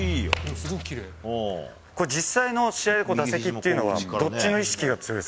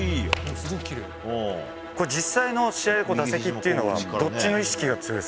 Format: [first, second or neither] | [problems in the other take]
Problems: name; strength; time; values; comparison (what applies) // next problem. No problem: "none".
first | background sound (Bowed string instrument); 12 dB below the speech